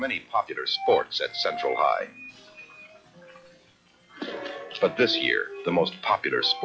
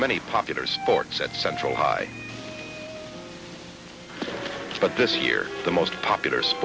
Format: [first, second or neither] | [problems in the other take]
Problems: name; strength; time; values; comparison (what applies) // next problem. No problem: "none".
second | noise reduction (classical method log-MMSE)